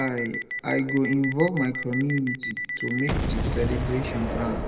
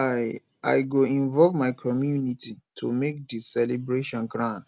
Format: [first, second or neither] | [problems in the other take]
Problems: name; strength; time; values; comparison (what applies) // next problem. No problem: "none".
second | background sound (Boom); 3 dB below the speech // room echo; dies away in 0.9 s